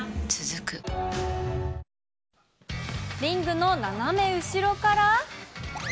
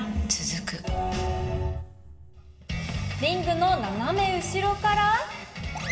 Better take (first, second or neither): first